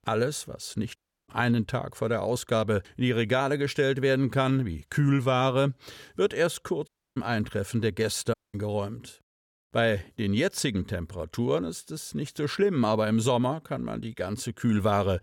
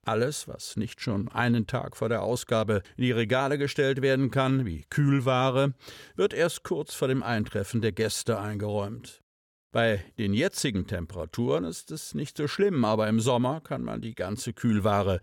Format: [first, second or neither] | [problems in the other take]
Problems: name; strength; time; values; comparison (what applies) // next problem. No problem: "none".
second | audio cutting out; at 1 s, at 7 s and at 8.5 s